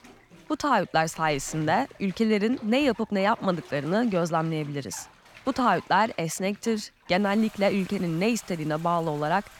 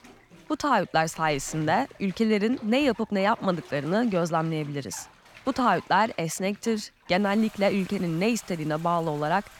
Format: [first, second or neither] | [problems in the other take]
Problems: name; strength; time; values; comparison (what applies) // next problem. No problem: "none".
neither | household noises; faint; throughout; 20 dB below the speech; the same in both